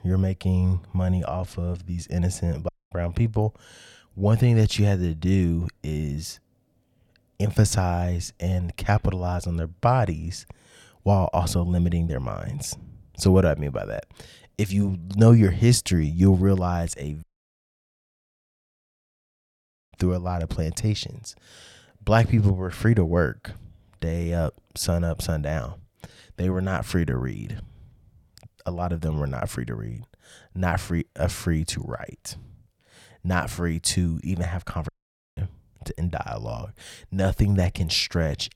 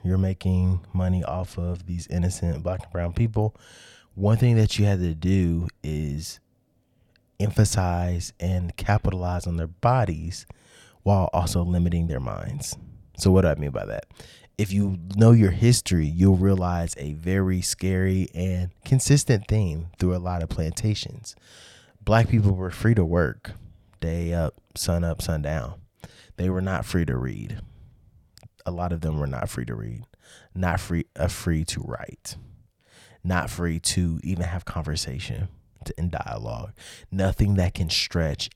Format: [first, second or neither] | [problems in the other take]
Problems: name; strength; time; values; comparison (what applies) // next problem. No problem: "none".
second | audio cutting out; at 2.5 s, at 17 s for 2.5 s and at 35 s